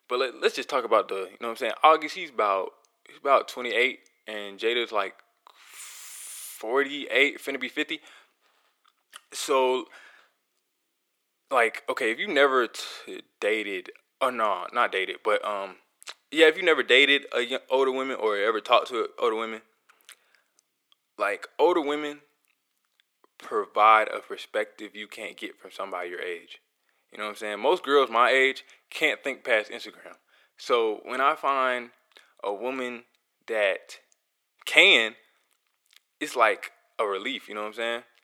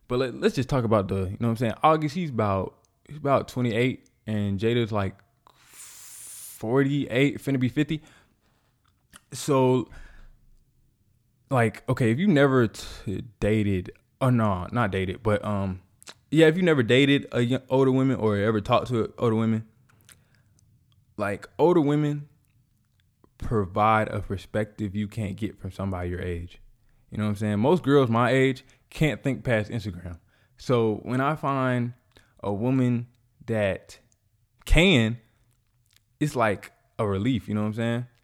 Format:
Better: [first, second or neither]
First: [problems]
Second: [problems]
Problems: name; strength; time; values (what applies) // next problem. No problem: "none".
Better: second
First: thin; very; fading below 400 Hz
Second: none